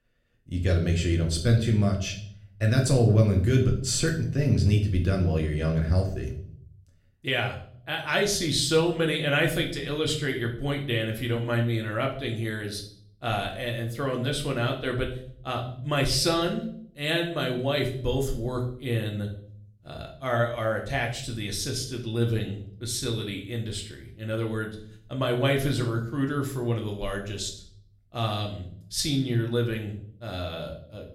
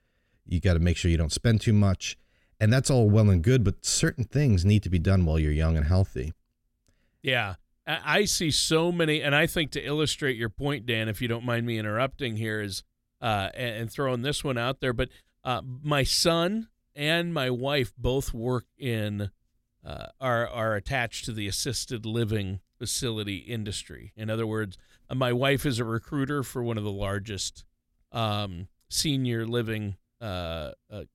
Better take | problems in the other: second | room echo; slight; dies away in 0.5 s // off-mic speech; somewhat distant

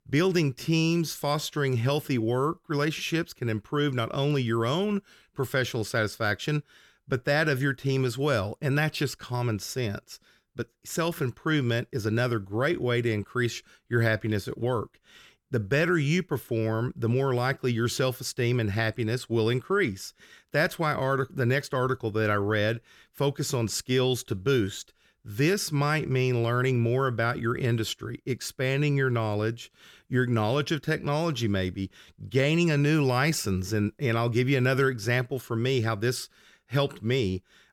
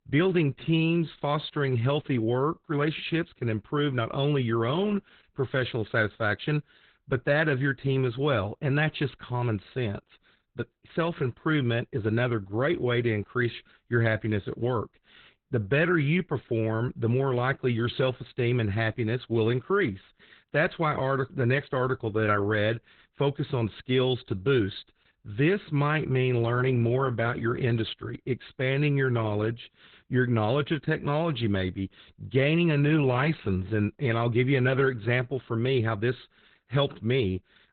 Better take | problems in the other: first | garbled, watery; badly; nothing above 4 kHz

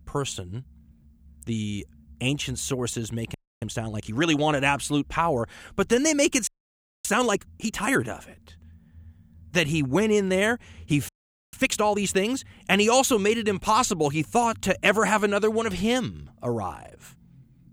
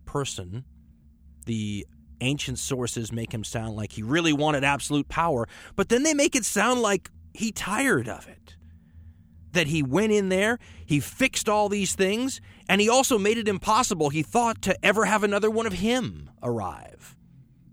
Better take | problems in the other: second | audio freezing; at 3.5 s, at 6.5 s for 0.5 s and at 11 s

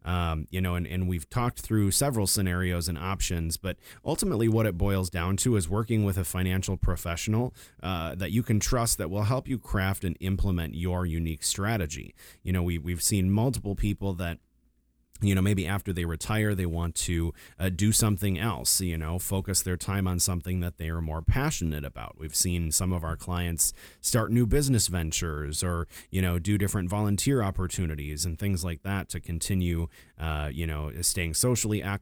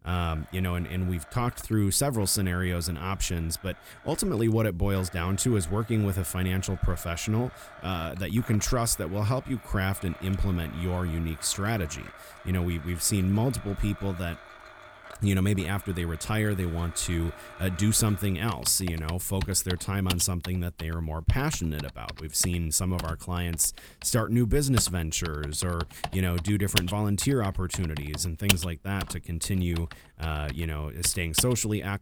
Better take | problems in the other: first | household noises; noticeable; throughout; 10 dB below the speech

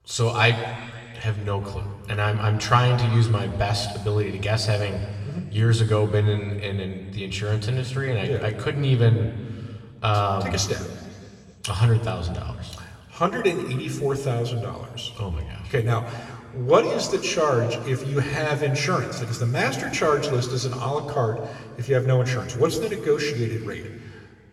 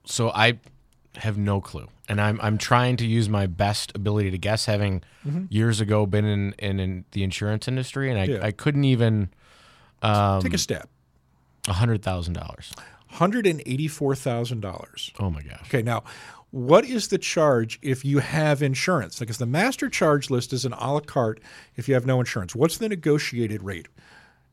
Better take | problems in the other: second | room echo; slight; dies away in 1.8 s

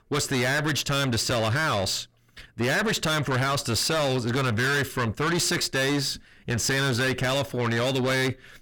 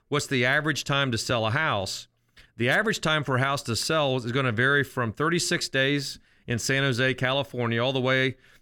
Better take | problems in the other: second | distortion; heavy; 6 dB below the speech

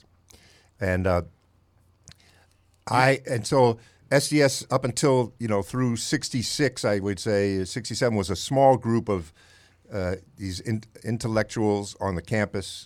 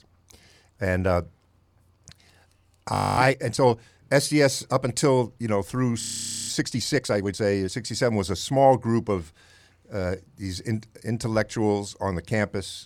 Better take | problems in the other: first | audio freezing; at 3 s and at 6 s

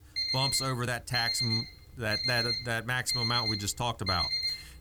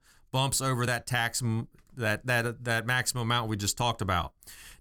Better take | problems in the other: second | alarm; loud; peak 4 dB above the speech

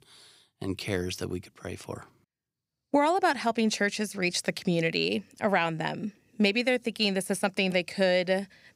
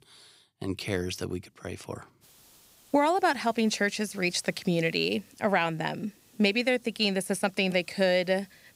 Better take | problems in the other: first | hiss; faint; from 2 s on; 30 dB below the speech

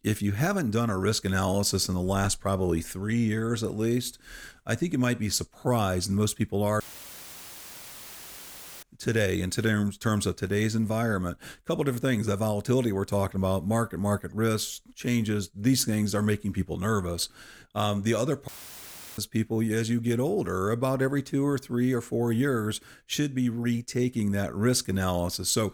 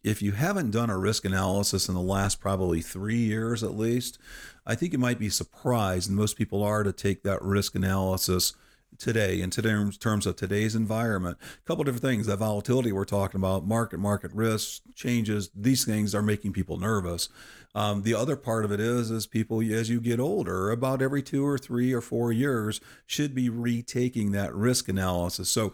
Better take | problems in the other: second | audio cutting out; filled with static; at 7 s for 2 s and at 18 s for 0.5 s

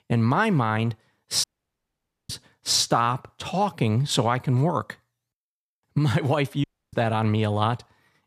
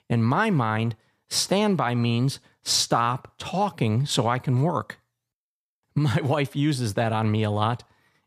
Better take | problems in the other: second | audio cutting out; at 1.5 s for 1 s and at 6.5 s

